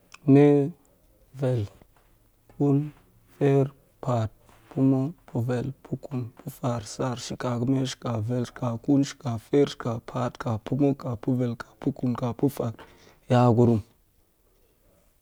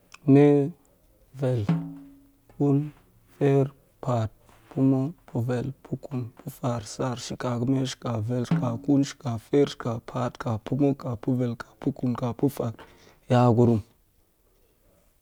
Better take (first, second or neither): first